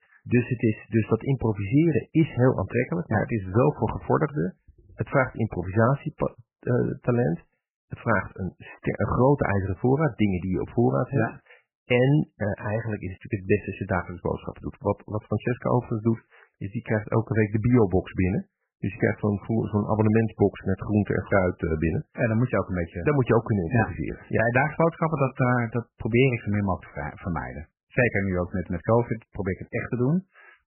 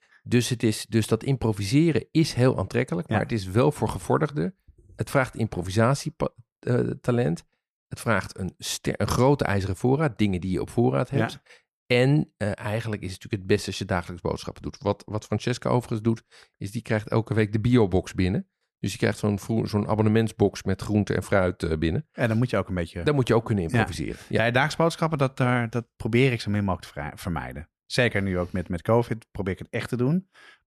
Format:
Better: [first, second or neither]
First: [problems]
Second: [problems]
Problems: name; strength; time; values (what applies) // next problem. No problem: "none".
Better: second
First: garbled, watery; badly; nothing above 3 kHz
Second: none